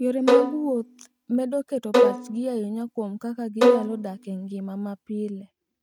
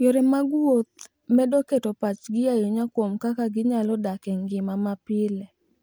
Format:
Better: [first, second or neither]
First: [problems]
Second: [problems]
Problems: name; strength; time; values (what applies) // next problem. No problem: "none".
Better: second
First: noise reduction (neural mask model RNNoise)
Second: none